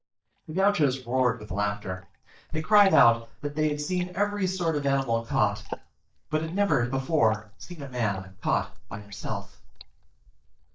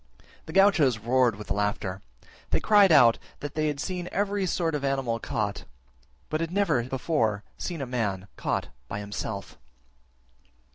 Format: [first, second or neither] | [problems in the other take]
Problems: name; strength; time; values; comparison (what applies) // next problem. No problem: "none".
second | noise reduction (neural mask model DeepFilterNet 3)